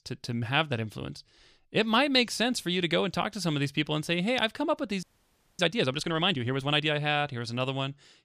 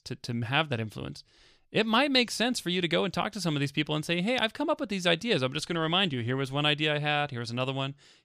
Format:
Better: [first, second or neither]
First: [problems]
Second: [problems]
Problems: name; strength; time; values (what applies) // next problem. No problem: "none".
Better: second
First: audio freezing; at 5 s for 0.5 s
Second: none